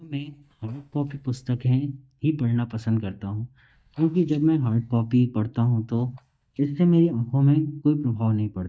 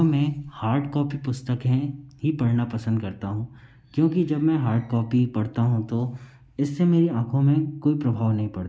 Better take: second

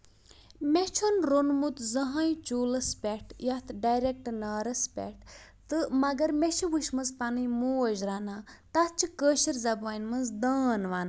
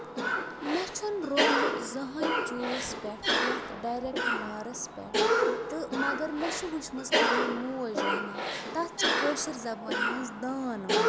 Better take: first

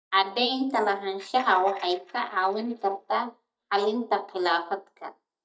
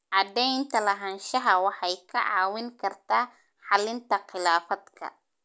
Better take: second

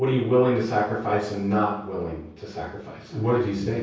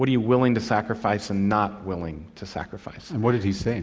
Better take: second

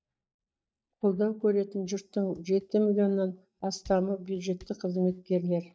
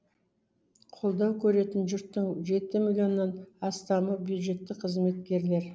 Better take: second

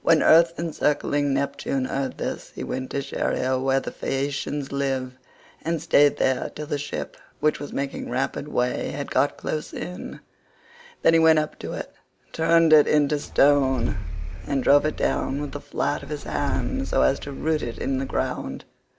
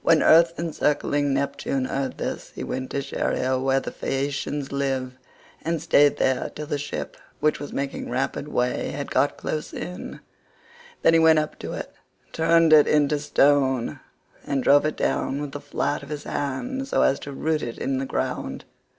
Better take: second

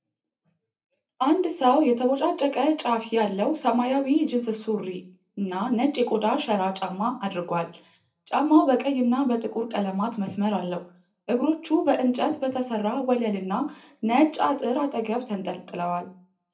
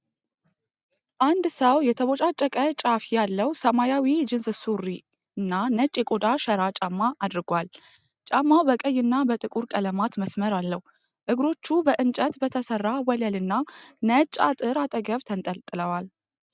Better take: second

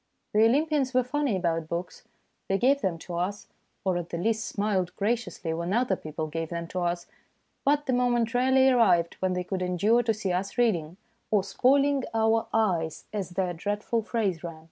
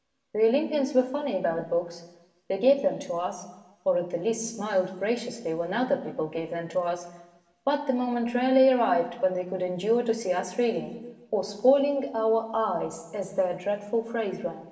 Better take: first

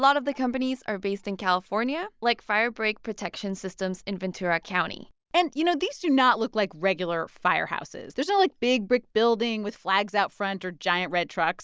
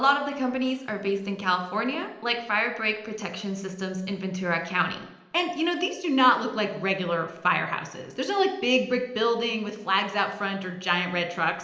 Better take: first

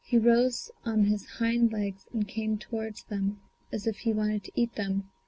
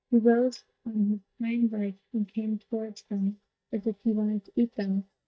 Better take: first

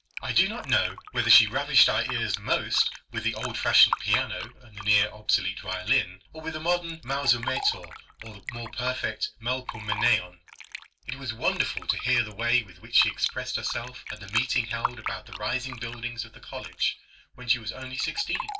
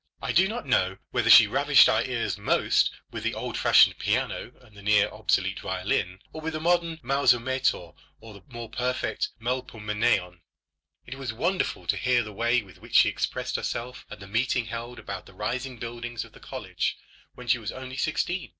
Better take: second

